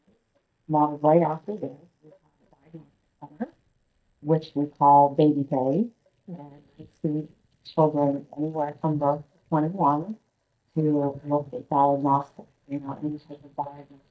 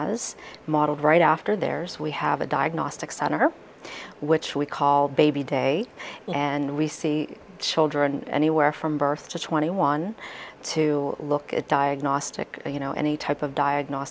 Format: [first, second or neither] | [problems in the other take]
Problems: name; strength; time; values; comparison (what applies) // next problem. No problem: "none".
second | noise reduction (neural mask model DeepFilterNet 3)